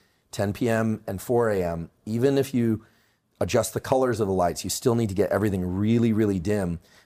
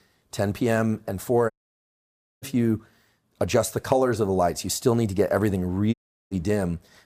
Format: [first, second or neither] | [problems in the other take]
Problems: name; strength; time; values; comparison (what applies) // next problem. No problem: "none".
first | audio cutting out; at 1.5 s for 1 s and at 6 s